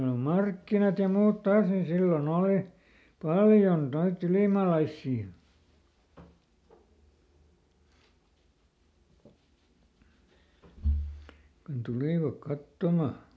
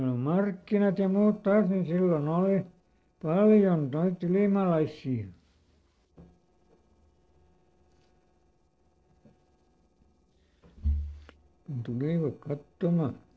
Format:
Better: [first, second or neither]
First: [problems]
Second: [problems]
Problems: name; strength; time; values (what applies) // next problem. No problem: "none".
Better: first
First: none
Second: noise reduction (neural separator model SepFormer DNS4)